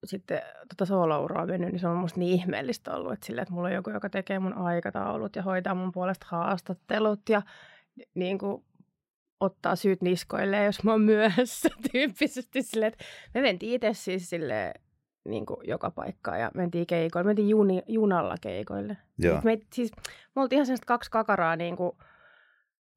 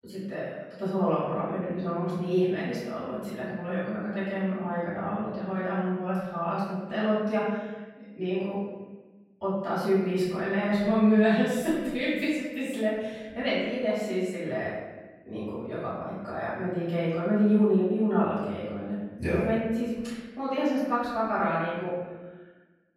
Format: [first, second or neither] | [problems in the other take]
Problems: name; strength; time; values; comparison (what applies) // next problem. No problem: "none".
first | off-mic speech; far // room echo; strong; dies away in 1.1 s